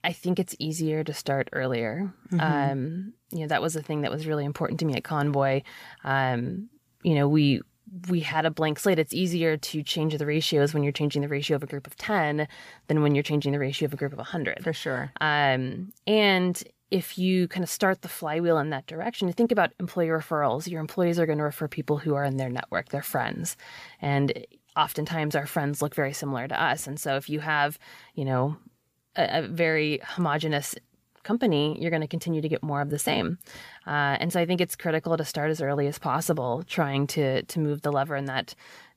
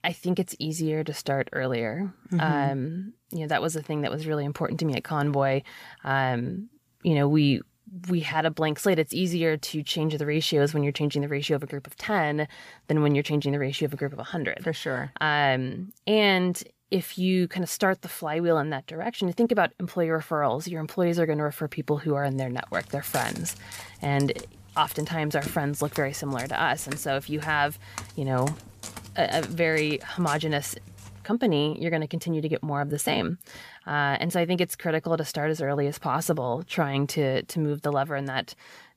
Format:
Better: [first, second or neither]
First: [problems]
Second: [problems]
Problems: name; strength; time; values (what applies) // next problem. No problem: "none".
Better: first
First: none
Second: footsteps; noticeable; from 23 to 31 s; peak 8 dB below the speech